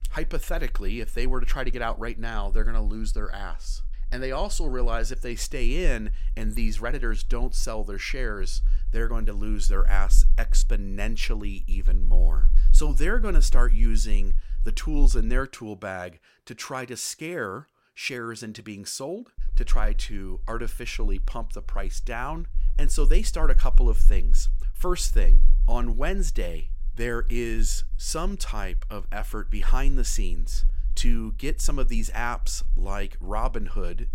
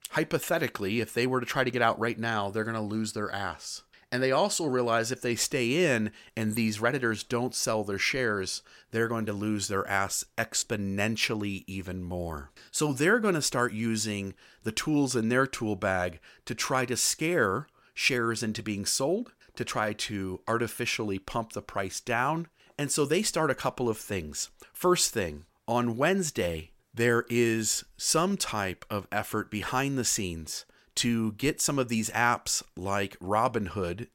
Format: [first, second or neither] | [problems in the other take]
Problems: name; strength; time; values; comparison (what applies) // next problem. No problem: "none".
second | low rumble; faint; until 15 s and from 19 s on; 25 dB below the speech